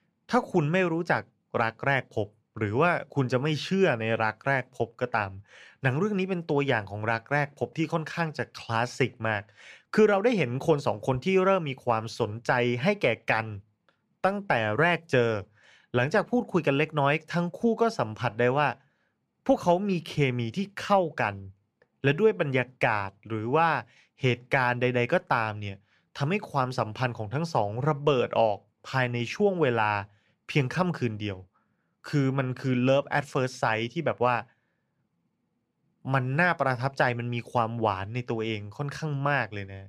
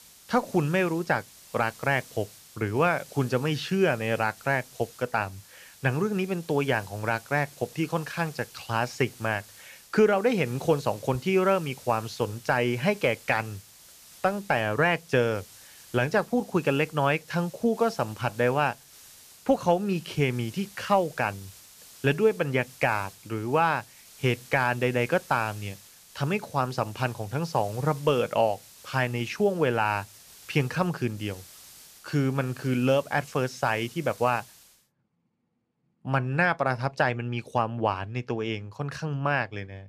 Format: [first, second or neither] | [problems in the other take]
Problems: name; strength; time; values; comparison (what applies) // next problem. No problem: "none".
first | hiss; faint; until 35 s; 20 dB below the speech